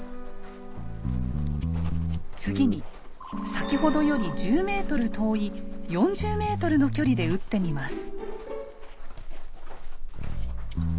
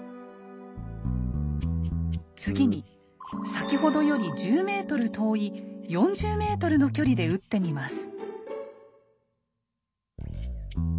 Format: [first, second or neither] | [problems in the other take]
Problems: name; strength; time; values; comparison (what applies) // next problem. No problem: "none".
second | background sound (Walk, footsteps); 4 dB below the speech